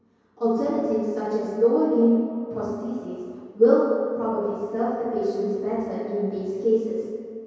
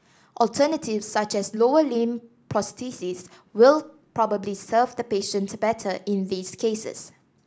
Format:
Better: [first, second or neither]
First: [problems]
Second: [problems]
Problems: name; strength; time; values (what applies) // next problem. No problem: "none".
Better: second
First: room echo; dies away in 2.2 s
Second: none